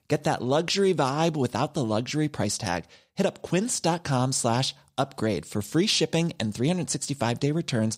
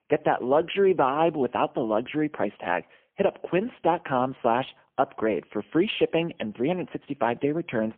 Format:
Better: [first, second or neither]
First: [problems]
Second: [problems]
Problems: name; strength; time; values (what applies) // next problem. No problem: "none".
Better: first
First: none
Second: phone-call audio; poor line; nothing above 3.5 kHz